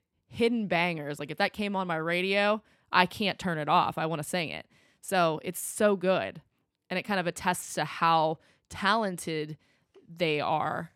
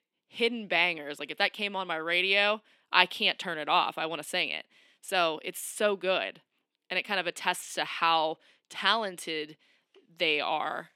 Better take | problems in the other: first | thin; somewhat; fading below 250 Hz

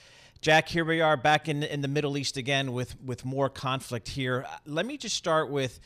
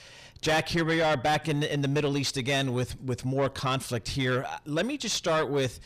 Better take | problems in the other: first | distortion; heavy; 7 dB below the speech

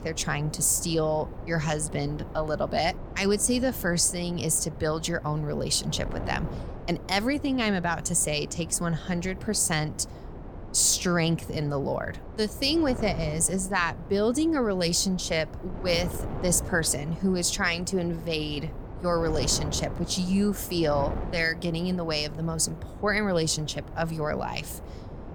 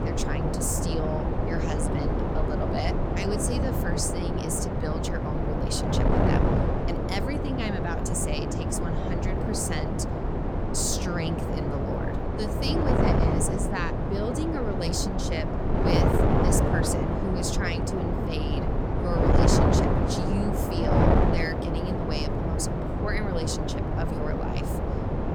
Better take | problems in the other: first | wind noise on the microphone; heavy; 3 dB above the speech; occasional gusts in the first

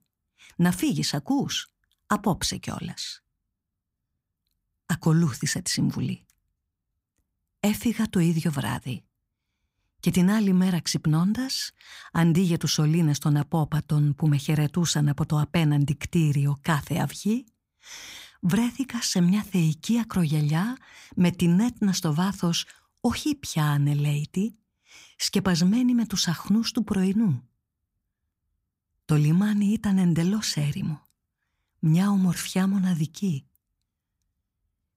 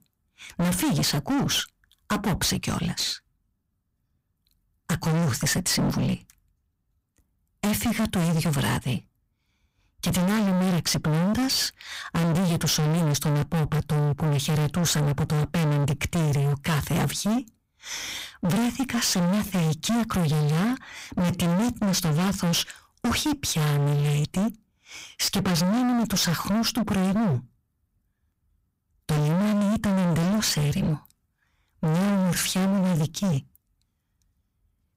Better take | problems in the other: first | distortion; heavy; 34% of the sound clipped

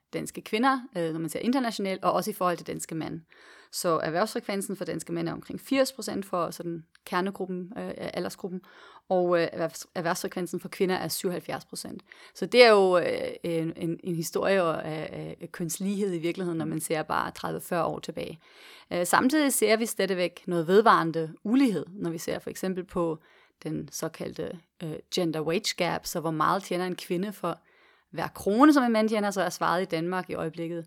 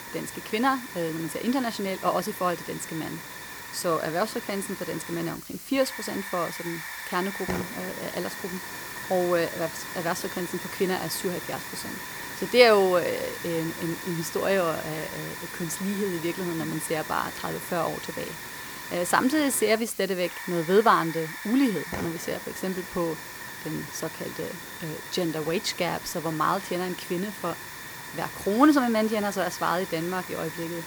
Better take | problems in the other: first | hiss; loud; throughout; 9 dB below the speech

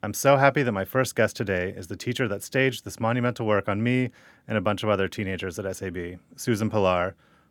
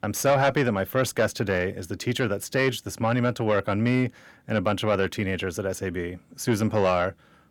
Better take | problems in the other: first | distortion; slight; 10 dB below the speech

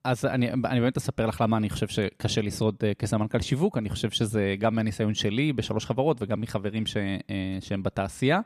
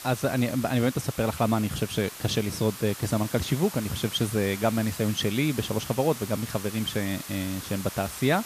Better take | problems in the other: first | hiss; noticeable; throughout; 10 dB below the speech

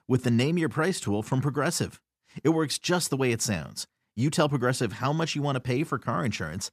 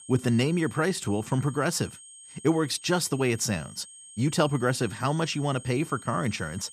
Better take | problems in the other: first | high-pitched whine; noticeable; throughout; 8.5 kHz, 20 dB below the speech

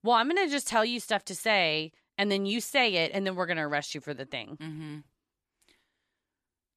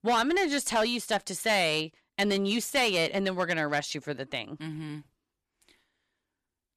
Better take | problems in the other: first | distortion; slight; 5% of the sound clipped

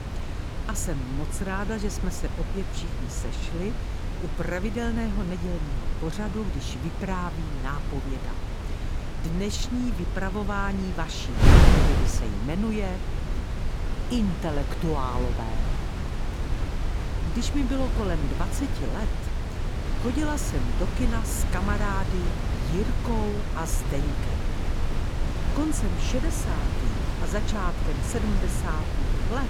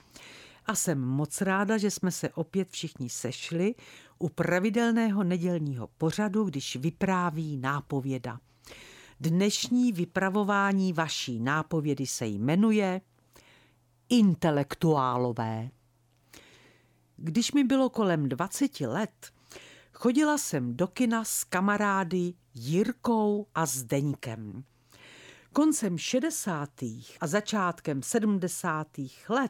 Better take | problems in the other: second | wind noise on the microphone; heavy; 2 dB below the speech

